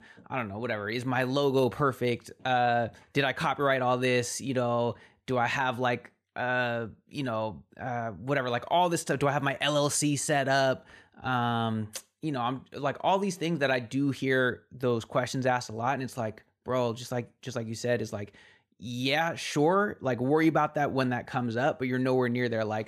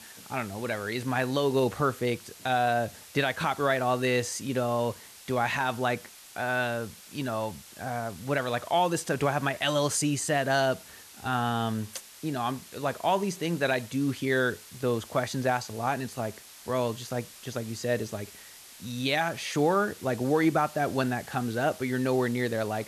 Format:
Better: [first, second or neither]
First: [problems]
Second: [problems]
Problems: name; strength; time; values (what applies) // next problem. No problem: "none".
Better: first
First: none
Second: hiss; noticeable; throughout; 20 dB below the speech